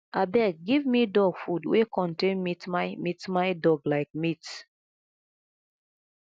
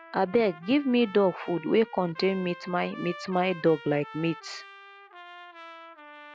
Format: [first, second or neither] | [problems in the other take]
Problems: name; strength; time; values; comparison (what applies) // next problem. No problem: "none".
first | background sound (Trumpet); 18 dB below the speech